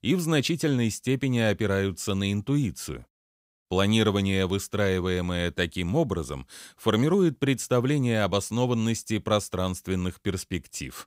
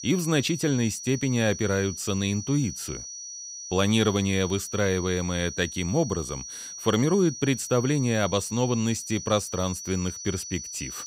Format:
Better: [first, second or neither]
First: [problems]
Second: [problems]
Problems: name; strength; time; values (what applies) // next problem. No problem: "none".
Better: first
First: none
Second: high-pitched whine; loud; throughout; 6 kHz, 10 dB below the speech